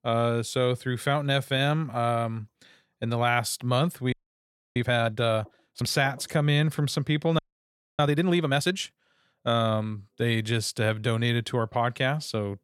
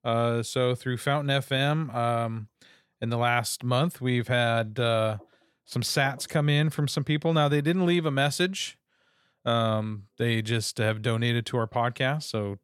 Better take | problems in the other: second | audio freezing; at 4 s for 0.5 s and at 7.5 s for 0.5 s

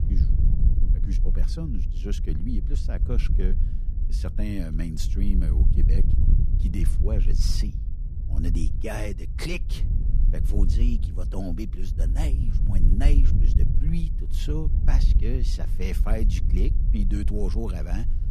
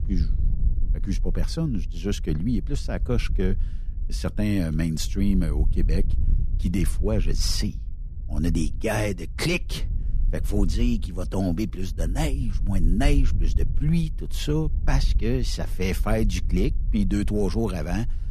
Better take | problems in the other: second | wind noise on the microphone; heavy; 6 dB below the speech; occasional gusts in the second

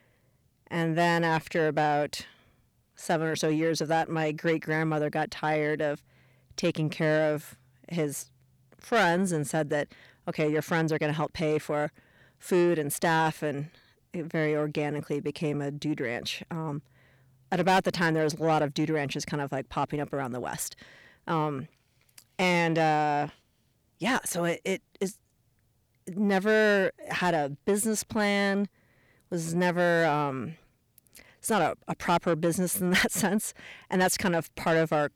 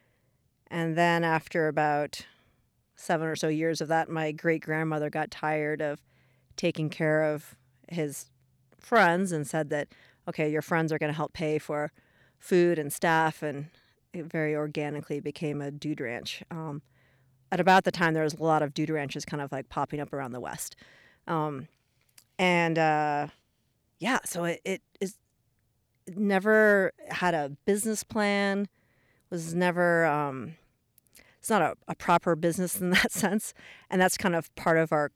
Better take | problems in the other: second | distortion; slight; 10 dB below the speech

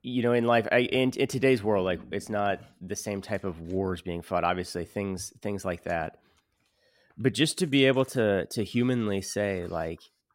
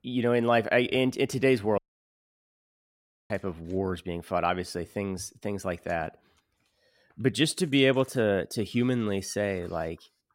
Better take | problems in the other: first | audio cutting out; at 2 s for 1.5 s

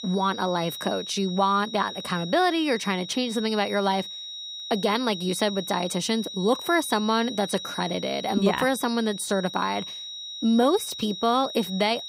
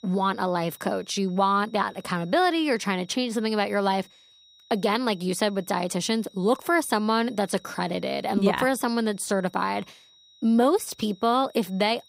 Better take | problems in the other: second | high-pitched whine; loud; throughout; 4 kHz, 9 dB below the speech; faint in the second

